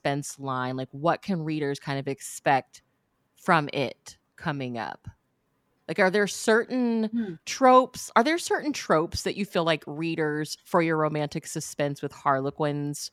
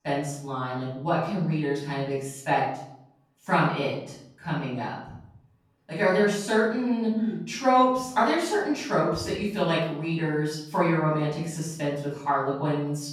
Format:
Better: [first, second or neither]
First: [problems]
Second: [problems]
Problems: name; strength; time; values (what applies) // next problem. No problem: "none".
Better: first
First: none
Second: room echo; noticeable; dies away in 0.6 s // off-mic speech; far